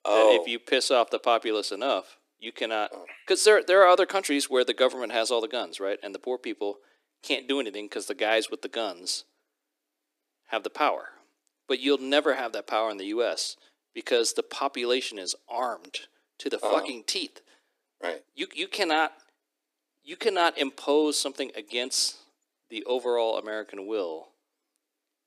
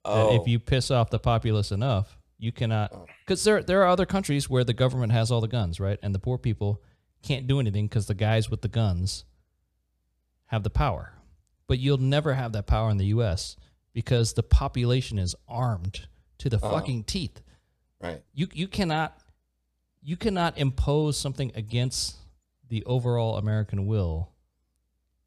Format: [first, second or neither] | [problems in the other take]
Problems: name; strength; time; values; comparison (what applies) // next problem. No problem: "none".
second | thin; very; fading below 300 Hz